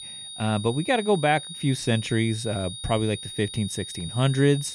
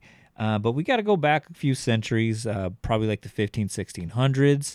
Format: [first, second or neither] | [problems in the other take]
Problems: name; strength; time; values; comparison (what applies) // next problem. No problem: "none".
second | high-pitched whine; loud; throughout; 3.5 kHz, 10 dB below the speech